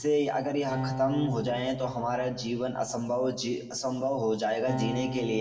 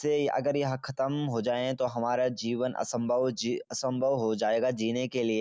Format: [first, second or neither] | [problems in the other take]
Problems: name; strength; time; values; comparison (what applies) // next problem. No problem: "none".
second | background sound (Acoustic guitar); 9 dB below the speech // room echo; dies away in 1 s